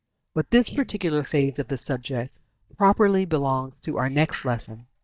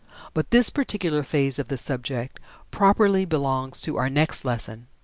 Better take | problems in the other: second | noise reduction (neural mask model DeepFilterNet 3)

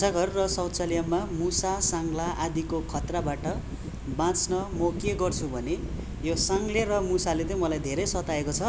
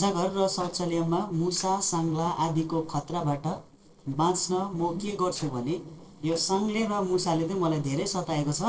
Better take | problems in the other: first | noise reduction (neural separator model SepFormer DNS4)

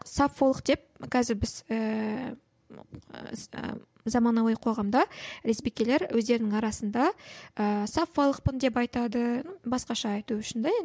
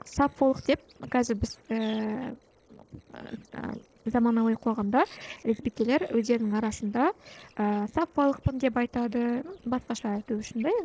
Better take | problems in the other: first | noise reduction (neural separator model SepFormer DNS4)

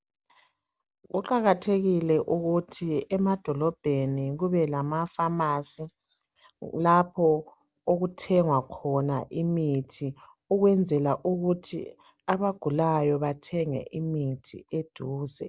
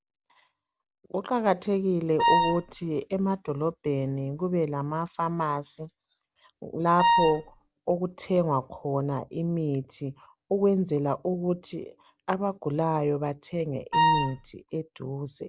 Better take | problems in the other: first | background sound (Wind instrument, woodwind instrument); 4 dB above the speech

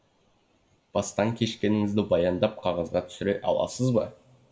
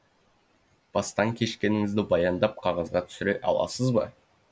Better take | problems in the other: second | room echo; dies away in 0.5 s

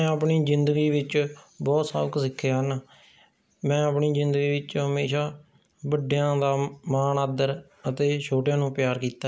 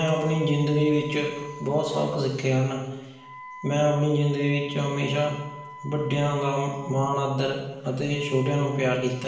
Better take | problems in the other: first | background sound (Wind instrument, woodwind instrument); 18 dB below the speech // room echo; dies away in 0.9 s

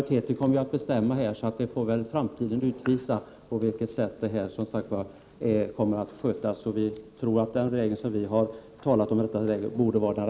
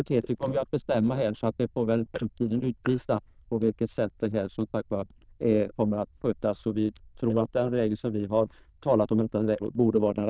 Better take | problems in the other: first | noise reduction (neural diffusion model UNIVERSE++)

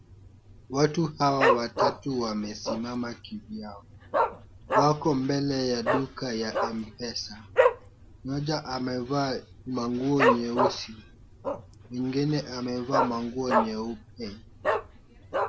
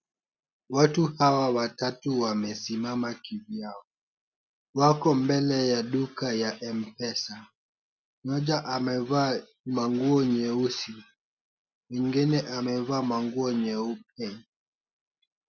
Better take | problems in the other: second | background sound (Dog); as loud as the speech

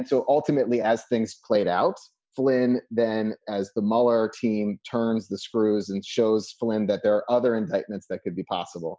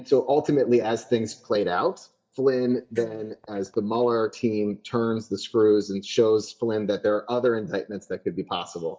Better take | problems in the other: first | noise reduction (neural mask model DeepFilterNet 3)

